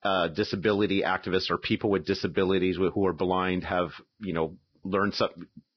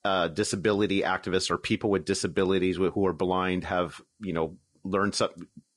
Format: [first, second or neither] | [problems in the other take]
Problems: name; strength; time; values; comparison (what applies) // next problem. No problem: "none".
second | garbled, watery; badly; nothing above 5.5 kHz; slightly in the second